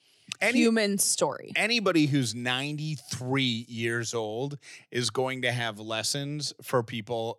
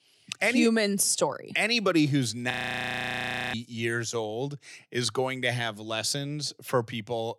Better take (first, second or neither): first